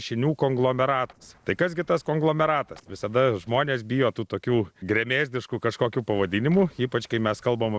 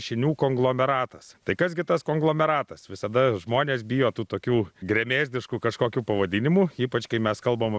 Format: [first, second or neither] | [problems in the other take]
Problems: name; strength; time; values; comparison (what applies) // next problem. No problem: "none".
second | noise reduction (neural separator model SepFormer DNS4)